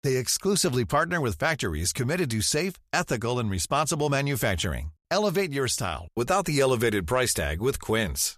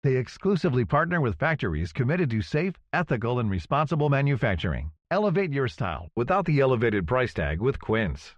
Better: first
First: none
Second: muffled; very; fading above 2.5 kHz

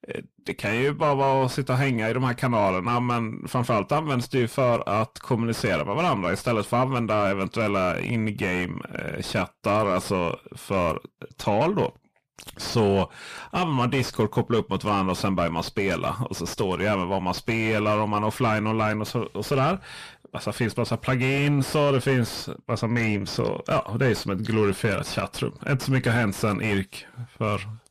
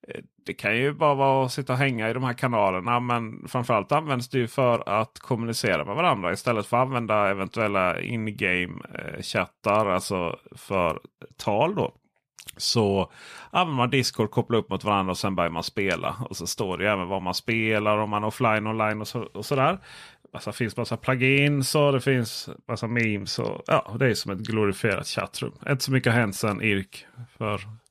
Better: second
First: distortion; heavy; 7 dB below the speech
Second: none

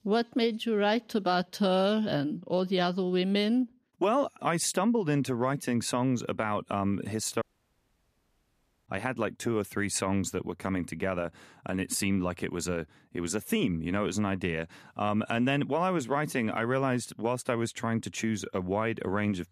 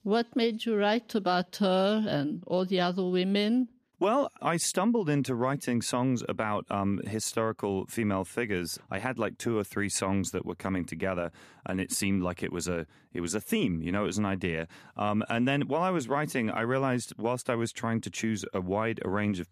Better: second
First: audio cutting out; at 7.5 s for 1.5 s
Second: none

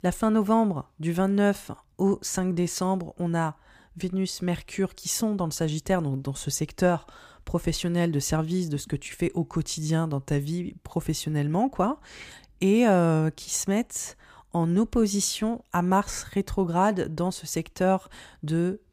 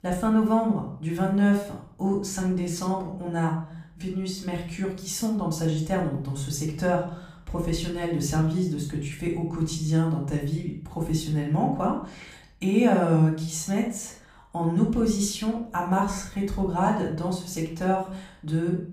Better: first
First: none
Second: off-mic speech; far // room echo; noticeable; dies away in 0.5 s

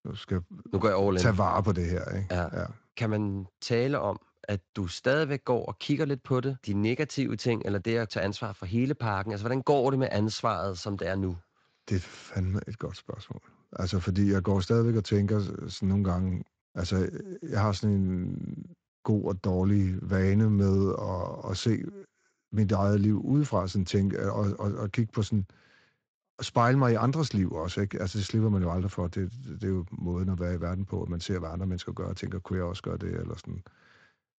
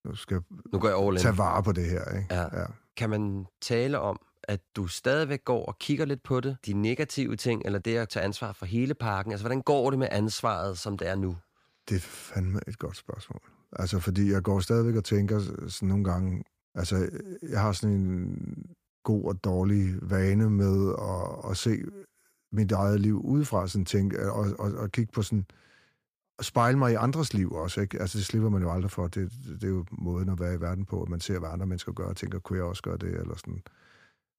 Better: second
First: garbled, watery; slightly; nothing above 7.5 kHz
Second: none

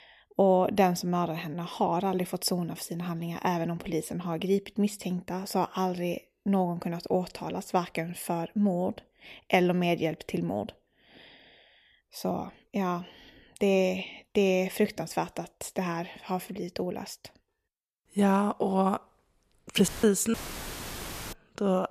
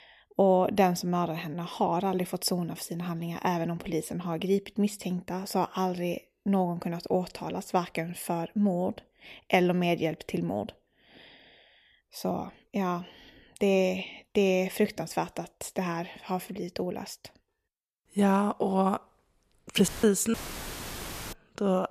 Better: neither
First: audio cutting out; filled with static; at 20 s for 1 s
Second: audio cutting out; filled with static; at 20 s for 1 s

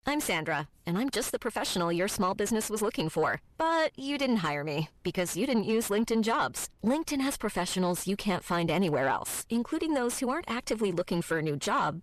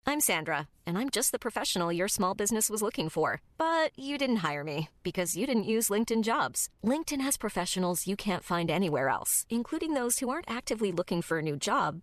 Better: second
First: distortion; slight; 10 dB below the speech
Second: none

